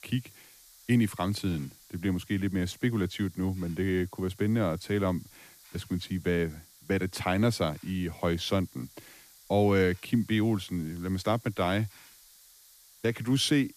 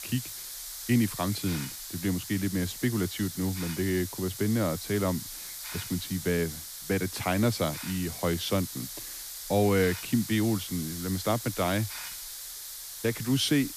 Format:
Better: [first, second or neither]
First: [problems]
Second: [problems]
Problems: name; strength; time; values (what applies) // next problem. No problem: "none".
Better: first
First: hiss; faint; throughout; 25 dB below the speech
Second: hiss; loud; throughout; 8 dB below the speech